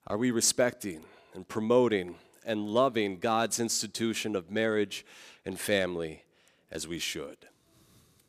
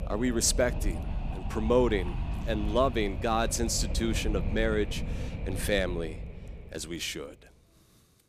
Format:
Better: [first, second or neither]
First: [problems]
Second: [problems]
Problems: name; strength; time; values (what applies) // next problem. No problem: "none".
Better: first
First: none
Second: wind noise on the microphone; occasional gusts; 15 dB below the speech